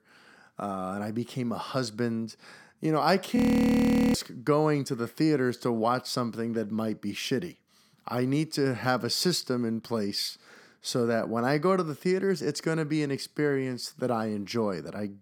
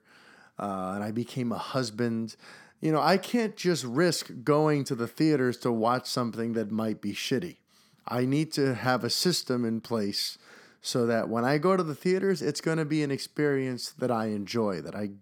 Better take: second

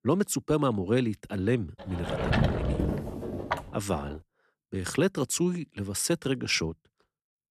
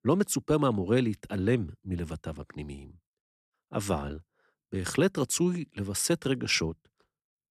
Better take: second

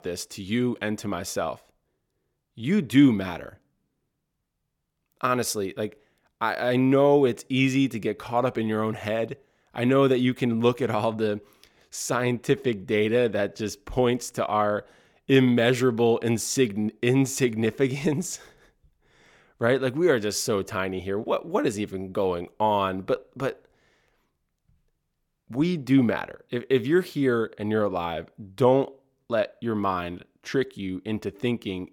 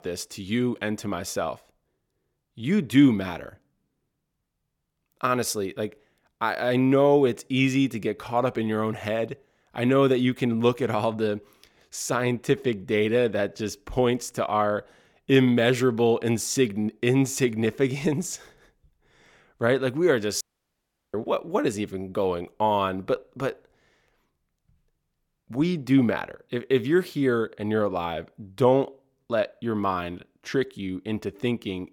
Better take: first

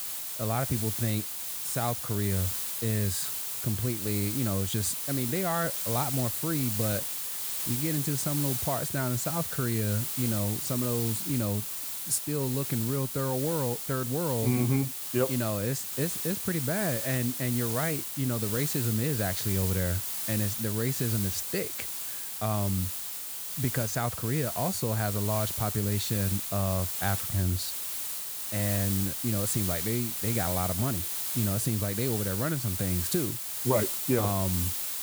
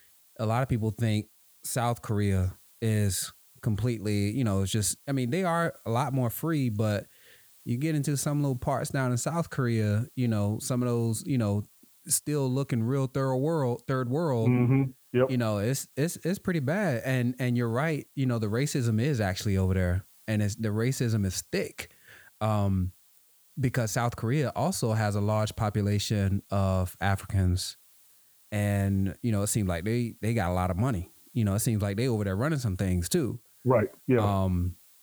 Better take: second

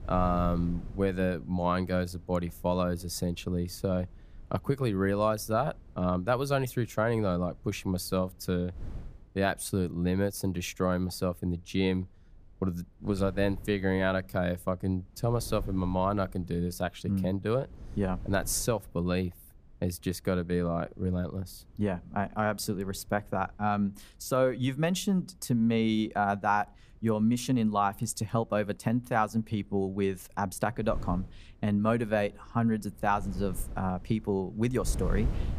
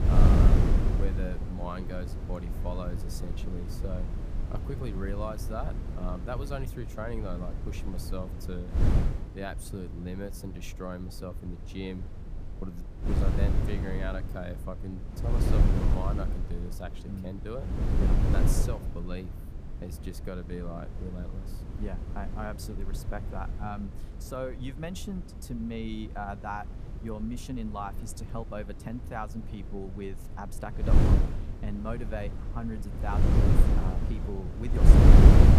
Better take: first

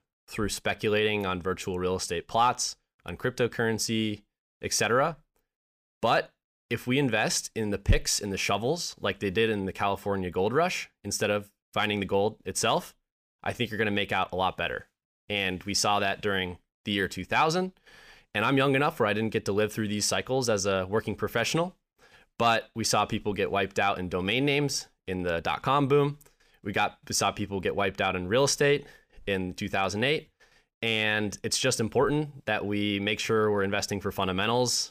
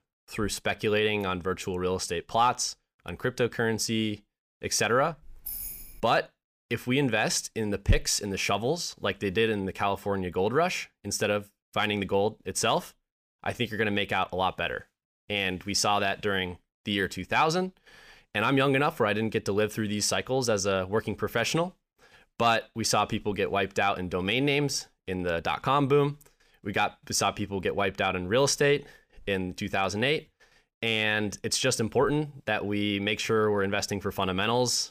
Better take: first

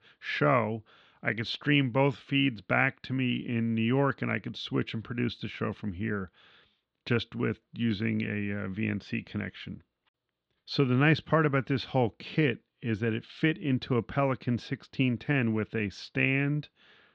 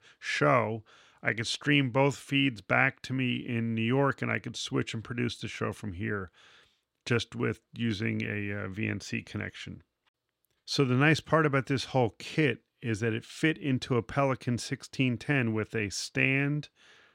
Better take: second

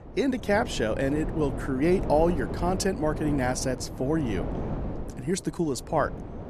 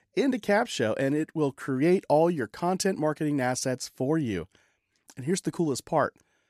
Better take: second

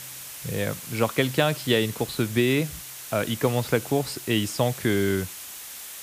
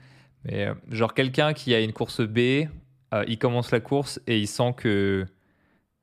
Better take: second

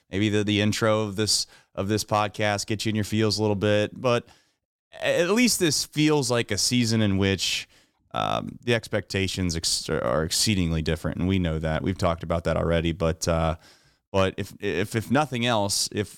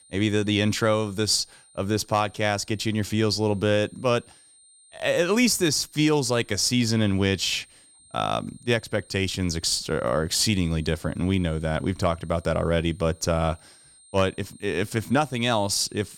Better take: first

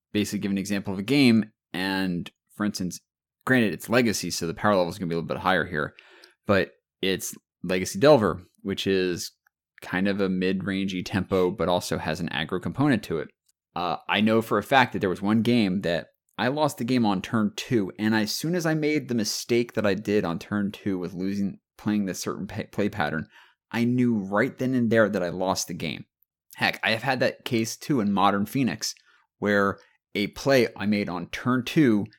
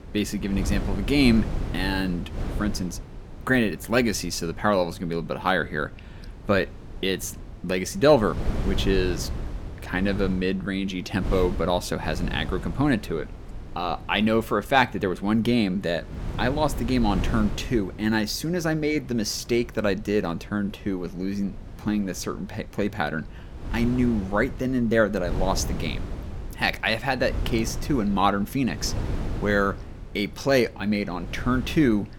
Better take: first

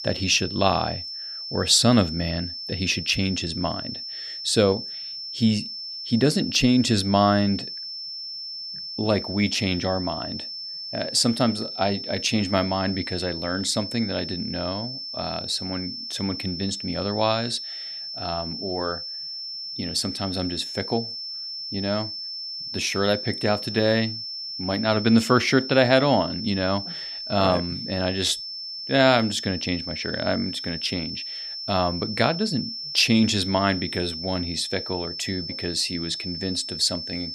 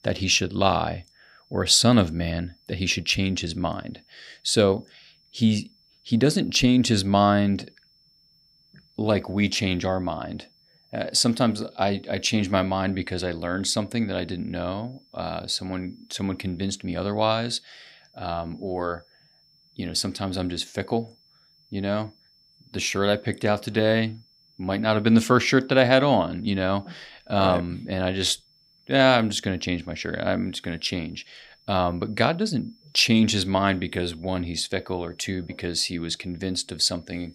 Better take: second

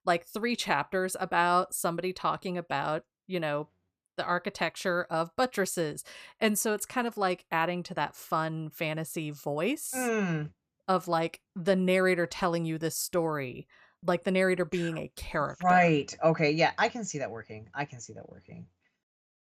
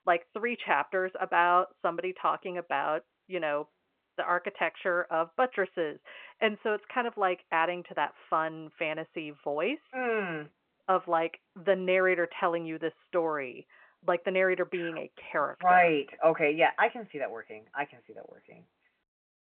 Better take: first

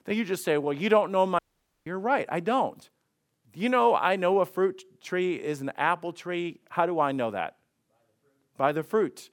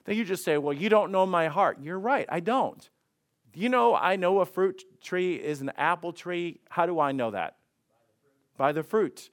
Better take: second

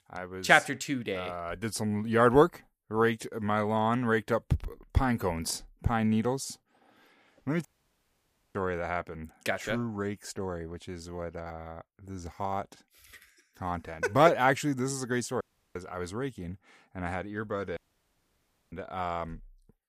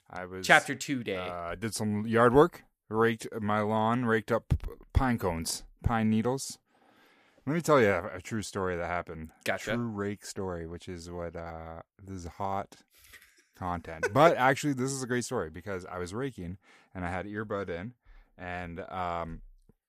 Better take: second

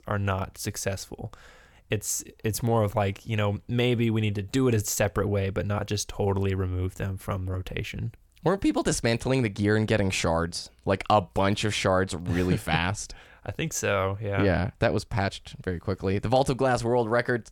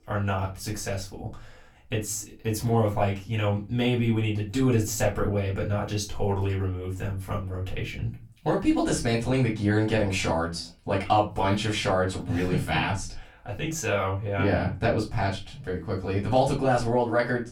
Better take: first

